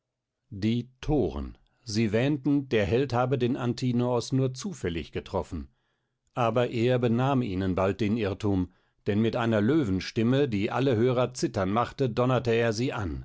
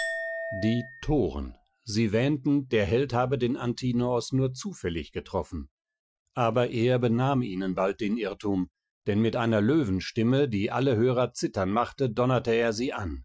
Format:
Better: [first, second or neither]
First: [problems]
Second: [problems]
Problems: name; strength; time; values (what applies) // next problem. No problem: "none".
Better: first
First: none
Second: noise reduction (classical method Wiener filter)